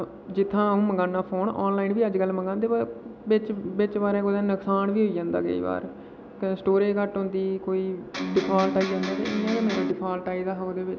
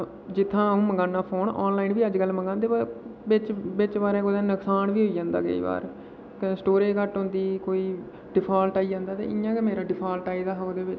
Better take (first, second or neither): second